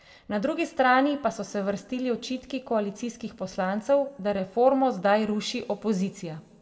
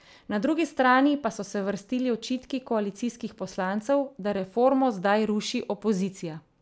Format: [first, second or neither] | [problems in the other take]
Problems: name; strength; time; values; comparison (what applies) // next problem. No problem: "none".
second | room echo; dies away in 1.8 s